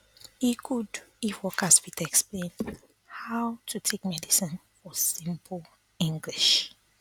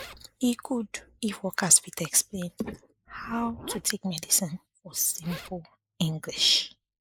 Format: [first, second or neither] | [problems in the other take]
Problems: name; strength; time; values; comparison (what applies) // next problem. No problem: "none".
first | noise reduction (neural mask model Resemble Enhance denoiser)